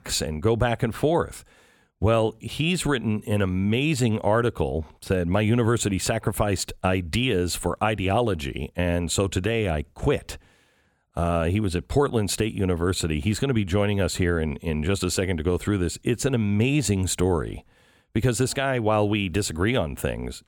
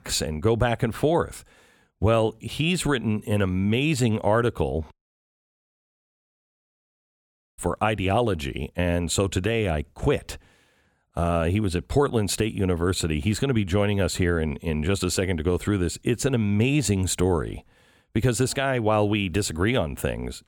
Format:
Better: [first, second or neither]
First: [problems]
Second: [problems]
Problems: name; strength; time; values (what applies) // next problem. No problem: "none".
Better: first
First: none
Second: audio cutting out; at 5 s for 2.5 s